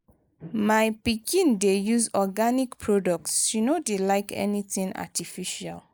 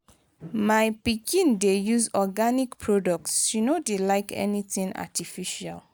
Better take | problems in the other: second | noise reduction (neural mask model Resemble Enhance denoiser)

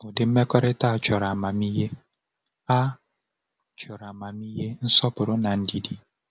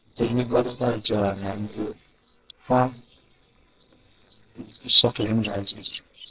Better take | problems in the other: first | noise reduction (neural separator model SepFormer WHAMR!)

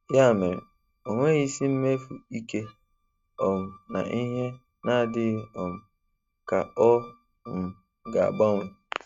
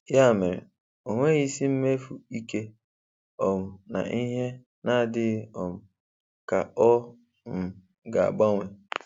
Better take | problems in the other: second | noise reduction (neural mask model RNNoise)

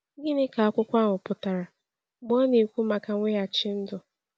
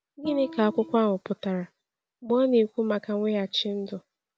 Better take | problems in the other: first | background sound (Guitar); 14 dB below the speech

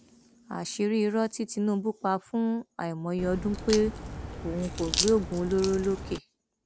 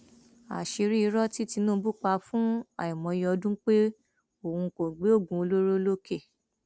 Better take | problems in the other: second | background sound (Crack); 6 dB below the speech

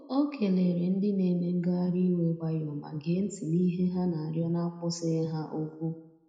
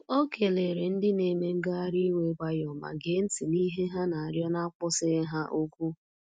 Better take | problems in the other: second | room echo; dies away in 0.8 s

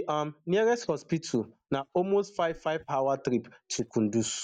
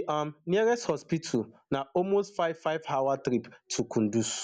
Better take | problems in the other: second | noise reduction (neural mask model DeepFilterNet 3)

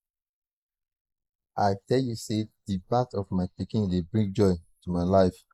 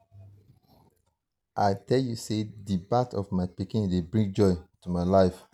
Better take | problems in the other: second | noise reduction (neural mask model Resemble Enhance denoiser)

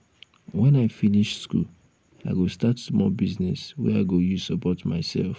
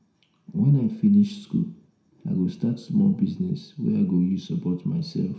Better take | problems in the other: first | room echo; dies away in 0.5 s

